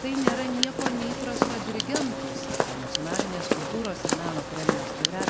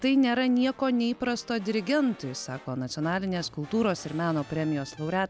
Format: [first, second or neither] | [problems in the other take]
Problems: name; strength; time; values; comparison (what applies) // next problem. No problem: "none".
second | background sound (Walk, footsteps); 4 dB above the speech